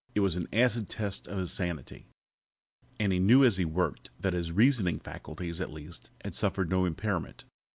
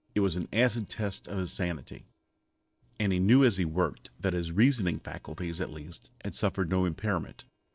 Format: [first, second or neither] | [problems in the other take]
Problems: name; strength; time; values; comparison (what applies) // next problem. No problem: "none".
first | noise reduction (neural separator model SepFormer DNS4)